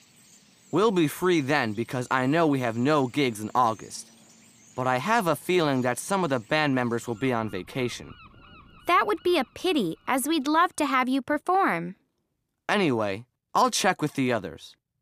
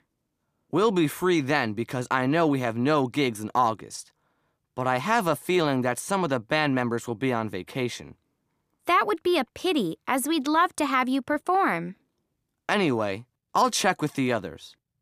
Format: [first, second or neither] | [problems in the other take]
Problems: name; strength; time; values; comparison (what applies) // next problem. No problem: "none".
second | animal sounds; faint; until 11 s; 25 dB below the speech